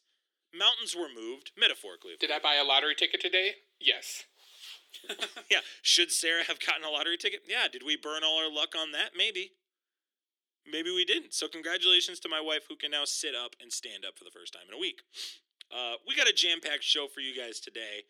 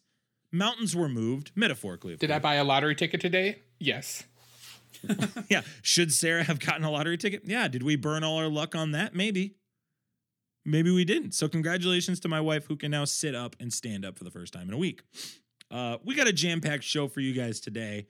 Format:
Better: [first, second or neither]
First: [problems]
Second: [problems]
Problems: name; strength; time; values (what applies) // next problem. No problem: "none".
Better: second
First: thin; very; fading below 350 Hz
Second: none